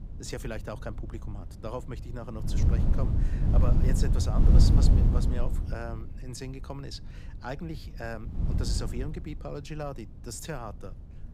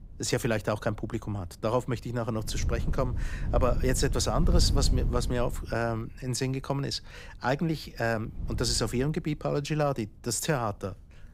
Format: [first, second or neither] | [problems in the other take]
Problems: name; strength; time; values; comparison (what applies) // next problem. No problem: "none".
second | wind noise on the microphone; heavy; as loud as the speech; occasional gusts in the second